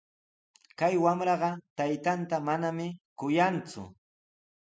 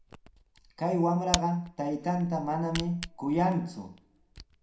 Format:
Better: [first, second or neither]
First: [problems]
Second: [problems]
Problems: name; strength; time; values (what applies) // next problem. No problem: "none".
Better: first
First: none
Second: background sound (Camera); 11 dB below the speech // room echo; dies away in 0.4 s